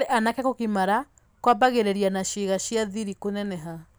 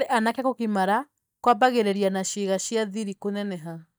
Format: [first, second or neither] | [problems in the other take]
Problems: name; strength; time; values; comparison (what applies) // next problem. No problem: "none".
first | noise reduction (neural mask model DeepFilterNet 3)